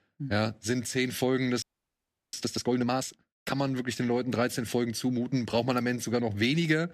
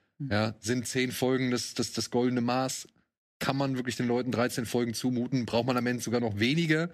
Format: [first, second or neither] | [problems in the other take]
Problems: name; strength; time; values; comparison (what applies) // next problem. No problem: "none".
second | audio freezing; at 1.5 s for 0.5 s